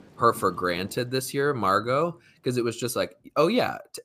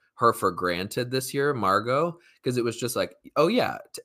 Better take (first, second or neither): second